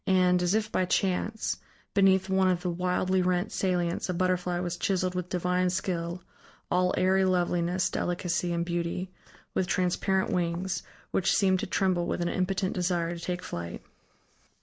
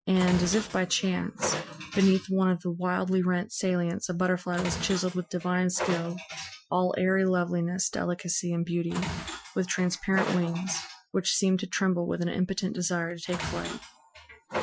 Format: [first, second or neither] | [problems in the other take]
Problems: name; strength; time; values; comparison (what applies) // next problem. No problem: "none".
first | noise reduction (classical method Wiener filter)